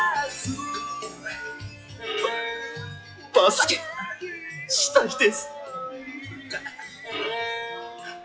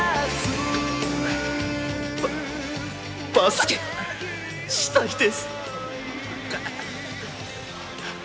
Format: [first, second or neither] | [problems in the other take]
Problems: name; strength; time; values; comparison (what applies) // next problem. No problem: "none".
second | noise reduction (classical method log-MMSE)